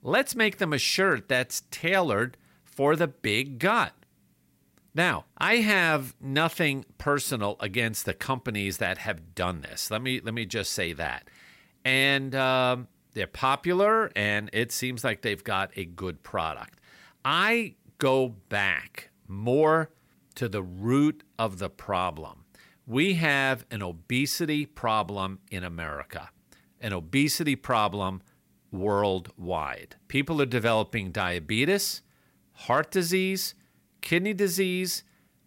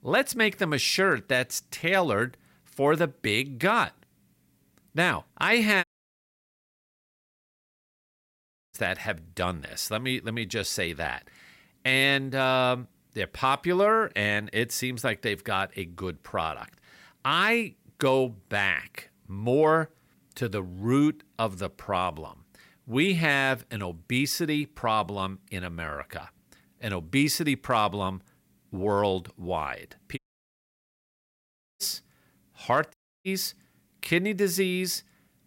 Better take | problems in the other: first | audio cutting out; at 6 s for 3 s, at 30 s for 1.5 s and at 33 s

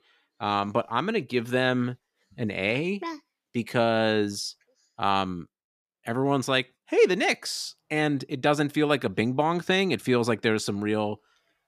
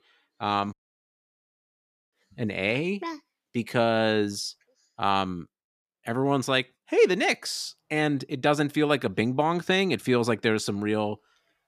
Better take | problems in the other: first | audio cutting out; at 0.5 s for 1.5 s

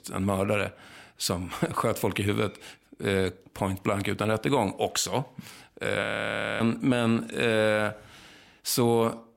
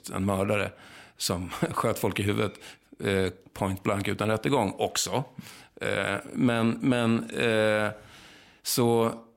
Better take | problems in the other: second | audio freezing; at 6 s for 0.5 s

